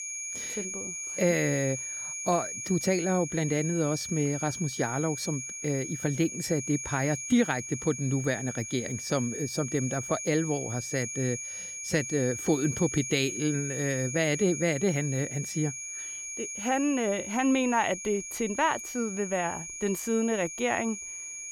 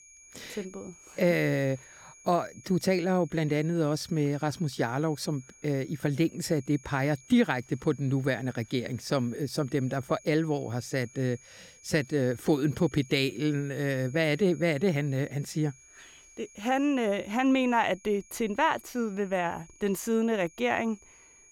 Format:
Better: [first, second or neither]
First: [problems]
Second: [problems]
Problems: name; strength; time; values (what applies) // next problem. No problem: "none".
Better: second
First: high-pitched whine; loud; throughout; 6.5 kHz, 6 dB below the speech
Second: high-pitched whine; faint; throughout; 6.5 kHz, 25 dB below the speech